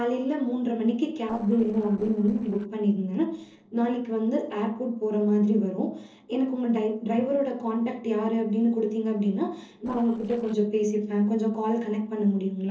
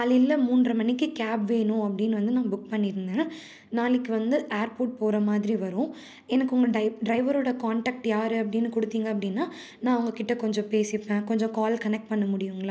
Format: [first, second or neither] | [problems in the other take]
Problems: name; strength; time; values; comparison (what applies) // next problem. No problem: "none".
second | noise reduction (neural separator model SepFormer DNS4)